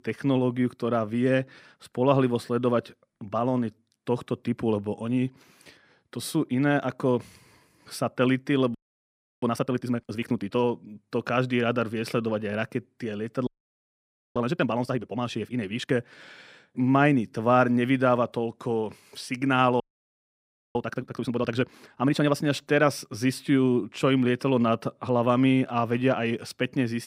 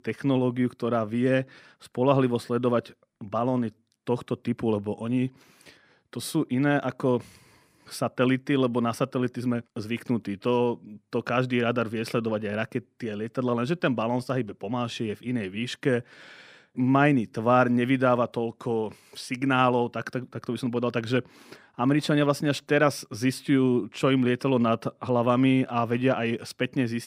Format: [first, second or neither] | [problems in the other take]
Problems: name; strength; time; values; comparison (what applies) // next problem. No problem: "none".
second | audio freezing; at 9 s for 0.5 s, at 13 s for 1 s and at 20 s for 1 s